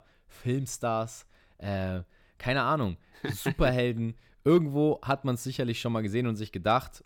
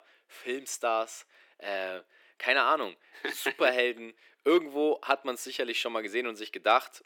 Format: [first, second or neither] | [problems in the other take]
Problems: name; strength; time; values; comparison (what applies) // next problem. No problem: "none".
first | thin; very; fading below 350 Hz